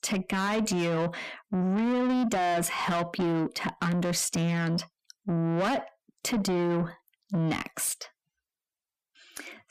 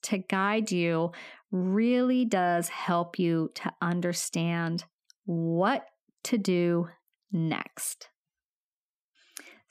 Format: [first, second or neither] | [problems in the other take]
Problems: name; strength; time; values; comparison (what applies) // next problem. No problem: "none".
second | distortion; heavy; 7 dB below the speech